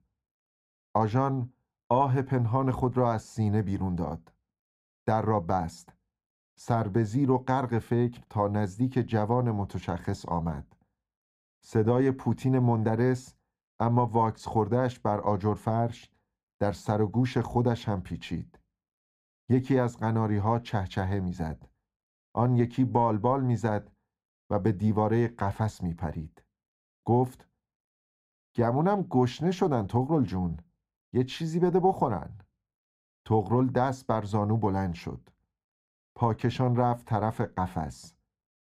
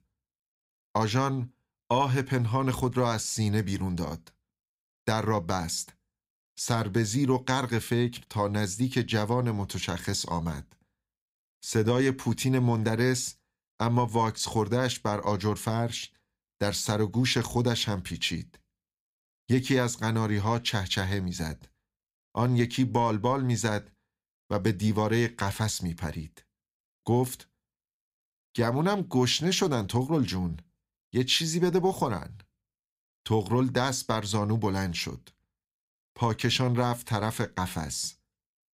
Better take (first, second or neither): second